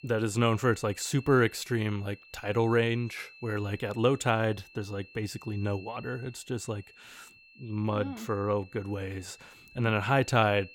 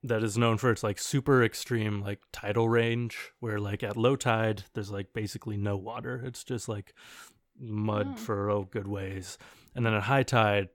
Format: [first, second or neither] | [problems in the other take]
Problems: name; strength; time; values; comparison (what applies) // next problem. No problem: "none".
second | high-pitched whine; faint; throughout; 2.5 kHz, 20 dB below the speech